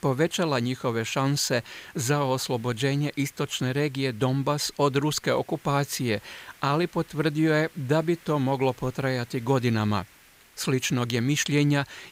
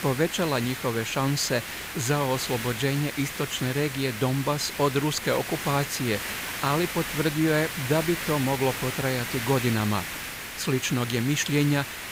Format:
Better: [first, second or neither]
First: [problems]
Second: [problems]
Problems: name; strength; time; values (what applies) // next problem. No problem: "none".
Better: first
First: hiss; faint; throughout; 25 dB below the speech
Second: hiss; loud; throughout; 6 dB below the speech